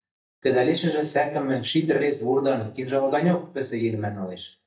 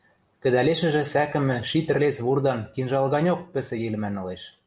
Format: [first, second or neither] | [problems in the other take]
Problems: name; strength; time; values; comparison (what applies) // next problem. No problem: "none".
second | noise reduction (neural mask model DeepFilterNet 3)